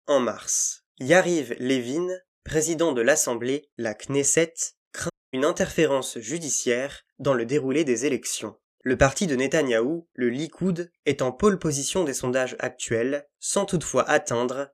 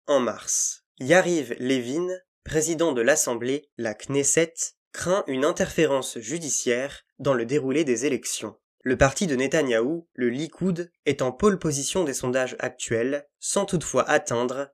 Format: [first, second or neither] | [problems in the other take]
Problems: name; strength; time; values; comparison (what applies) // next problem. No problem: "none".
second | audio cutting out; at 5 s